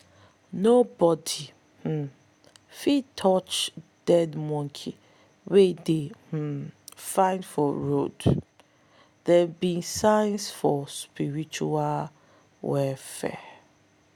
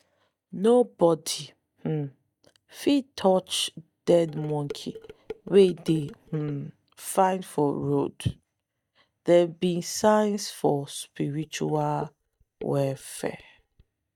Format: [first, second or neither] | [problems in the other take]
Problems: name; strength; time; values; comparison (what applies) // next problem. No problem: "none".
first | noise reduction (neural mask model DeepFilterNet 3)